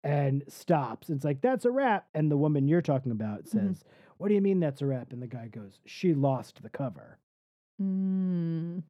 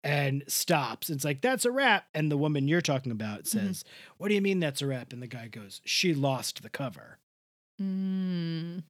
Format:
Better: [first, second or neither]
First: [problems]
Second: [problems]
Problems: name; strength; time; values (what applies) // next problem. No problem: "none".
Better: second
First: muffled; very; fading above 1.5 kHz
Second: none